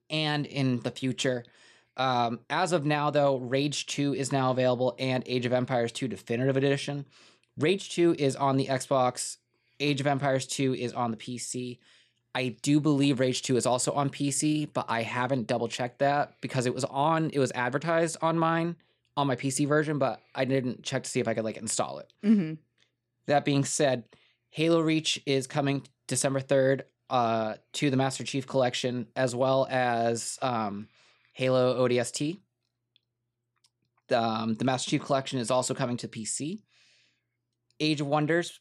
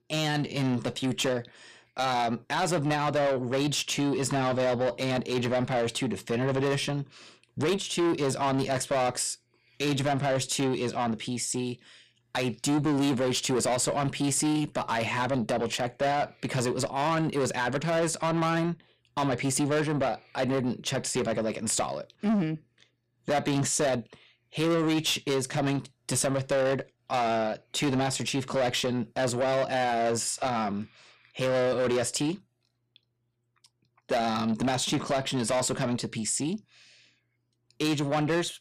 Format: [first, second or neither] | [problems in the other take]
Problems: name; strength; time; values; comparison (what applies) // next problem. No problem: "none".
first | distortion; heavy; 7 dB below the speech